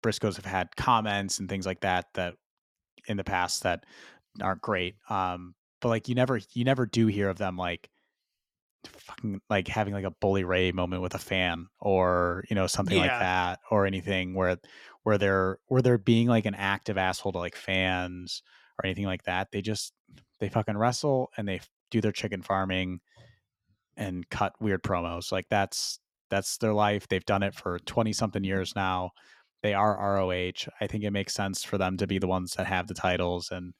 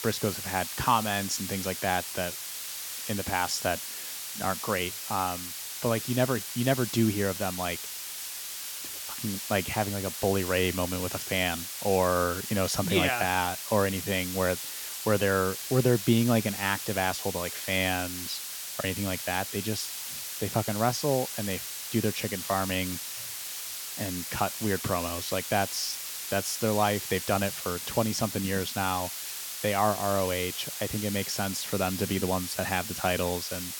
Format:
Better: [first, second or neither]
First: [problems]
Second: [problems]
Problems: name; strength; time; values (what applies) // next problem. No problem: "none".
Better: first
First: none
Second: hiss; loud; throughout; 5 dB below the speech